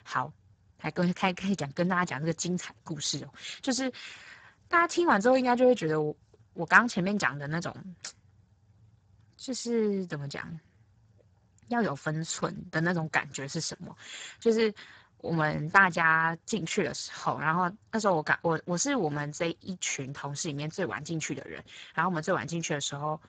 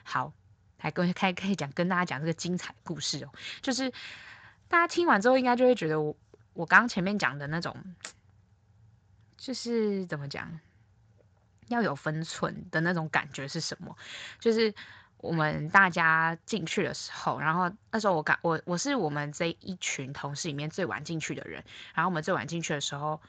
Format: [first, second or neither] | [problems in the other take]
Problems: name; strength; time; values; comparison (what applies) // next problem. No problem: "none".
second | garbled, watery; badly; nothing above 7.5 kHz; slightly in the second